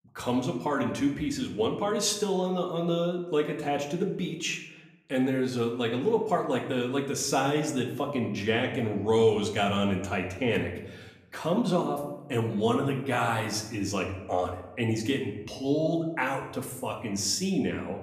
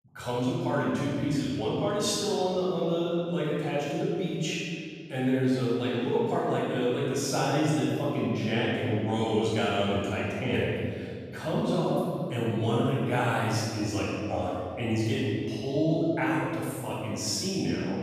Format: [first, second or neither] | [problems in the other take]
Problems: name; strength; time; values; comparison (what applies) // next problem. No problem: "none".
first | room echo; strong; dies away in 2.2 s; slight in the first // off-mic speech; far; somewhat distant in the first